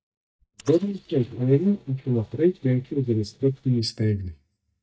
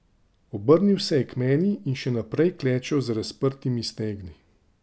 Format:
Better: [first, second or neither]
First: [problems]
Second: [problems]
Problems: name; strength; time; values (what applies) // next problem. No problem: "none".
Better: second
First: noise reduction (neural mask model DeepFilterNet 3)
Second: none